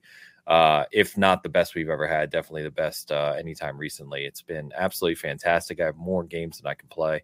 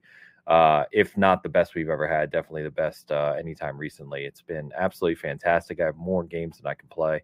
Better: first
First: none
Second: muffled; slightly; fading above 3 kHz

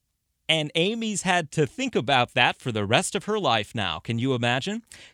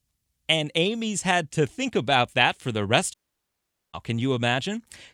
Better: first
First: none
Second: audio cutting out; at 3 s for 1 s

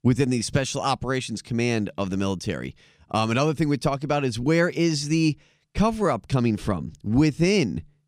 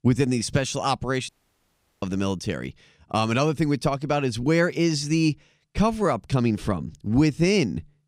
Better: first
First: none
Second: audio cutting out; at 1.5 s for 0.5 s

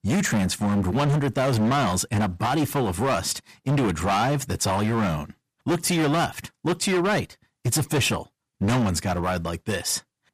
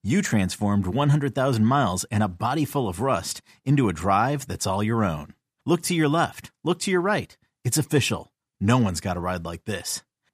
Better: second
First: distortion; heavy; 20% of the sound clipped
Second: none

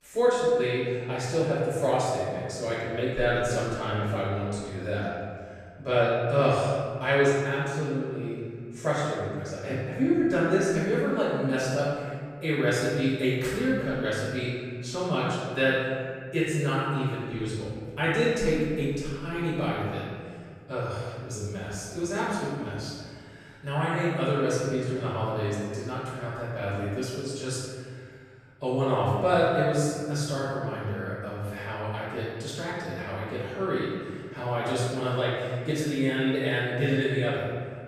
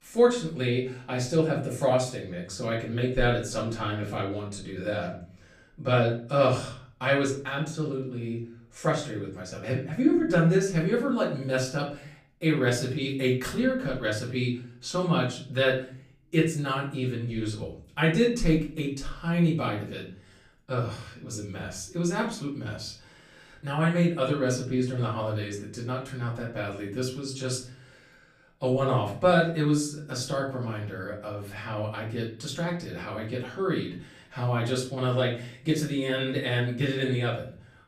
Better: second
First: room echo; strong; dies away in 1.8 s // off-mic speech; far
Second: room echo; slight; dies away in 0.4 s // off-mic speech; far

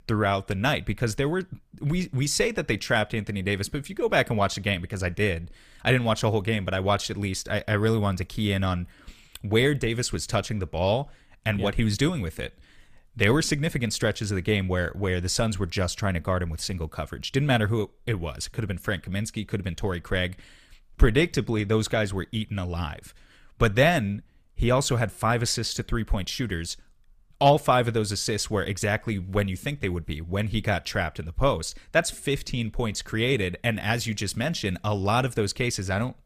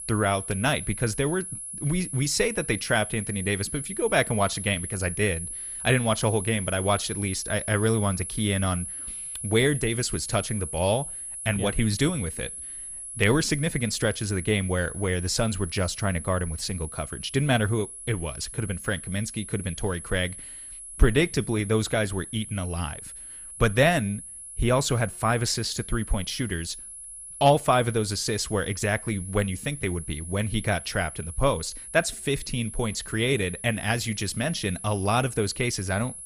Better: first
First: none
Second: high-pitched whine; loud; throughout; 10.5 kHz, 9 dB below the speech

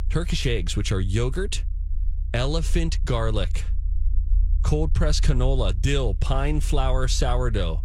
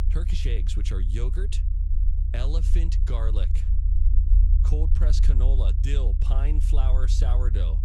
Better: first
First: low rumble; faint; throughout; 20 dB below the speech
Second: low rumble; loud; throughout; 6 dB below the speech

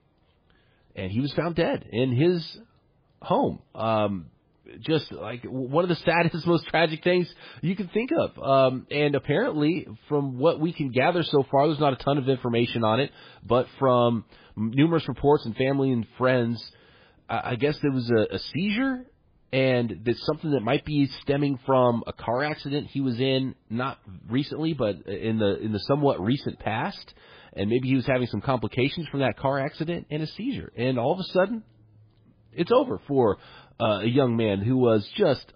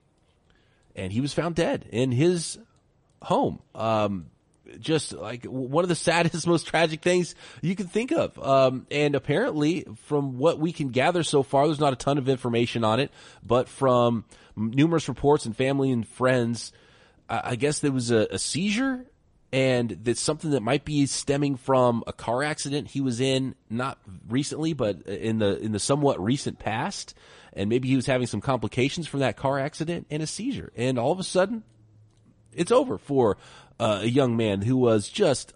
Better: second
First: garbled, watery; badly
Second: garbled, watery; slightly; nothing above 10 kHz

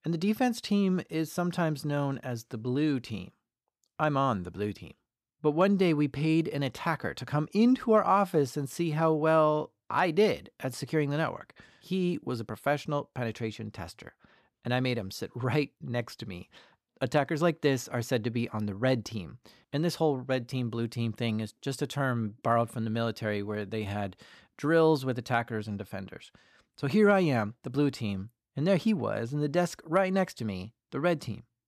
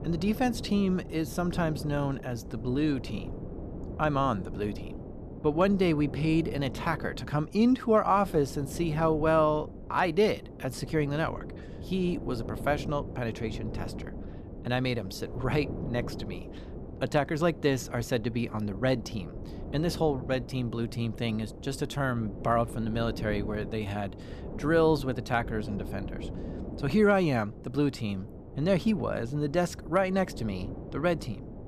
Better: first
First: none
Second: wind noise on the microphone; occasional gusts; 15 dB below the speech

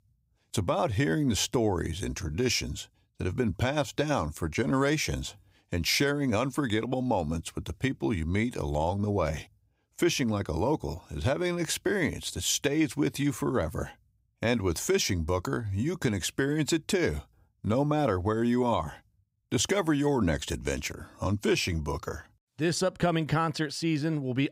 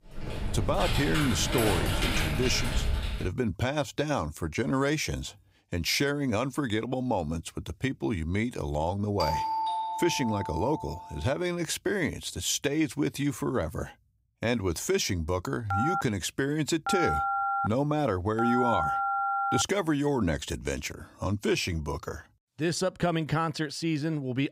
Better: first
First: none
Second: keyboard typing; loud; until 3.5 s; peak 2 dB above the speech // doorbell; loud; from 9 to 11 s; peak level with the speech // phone ringing; loud; from 16 to 20 s; peak 2 dB above the speech

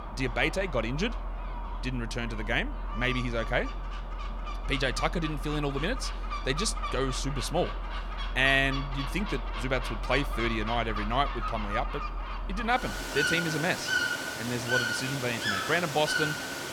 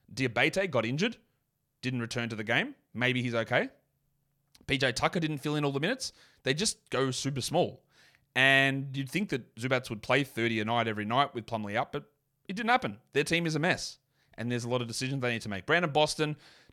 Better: second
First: animal sounds; loud; throughout; 4 dB below the speech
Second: none

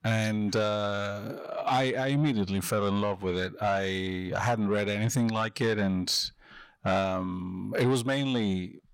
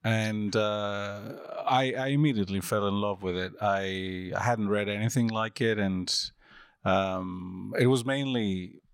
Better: second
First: distortion; slight; 10 dB below the speech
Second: none

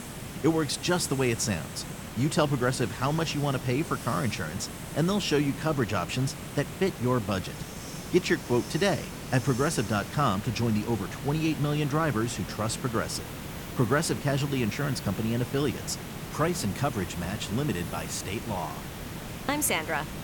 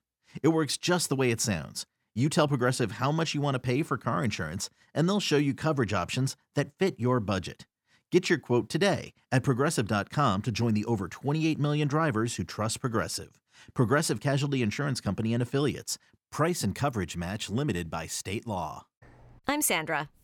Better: second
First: hiss; loud; throughout; 9 dB below the speech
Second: none

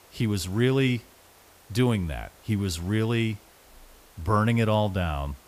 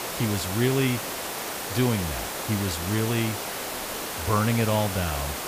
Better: first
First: hiss; faint; throughout; 25 dB below the speech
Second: hiss; loud; throughout; 4 dB below the speech

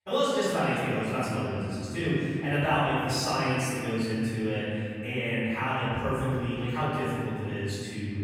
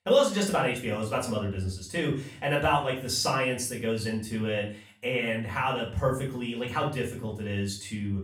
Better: second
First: room echo; strong; dies away in 2.9 s // off-mic speech; far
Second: room echo; slight; dies away in 0.4 s // off-mic speech; far

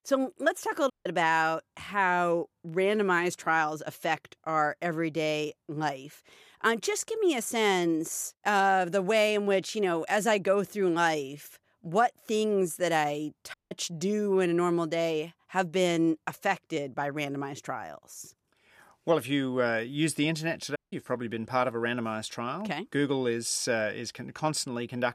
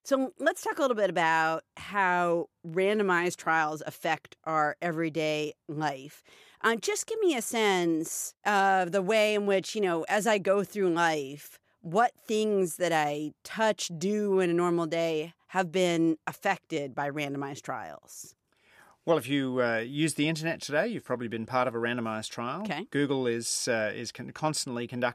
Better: second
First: audio cutting out; at 1 s, at 14 s and at 21 s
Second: none

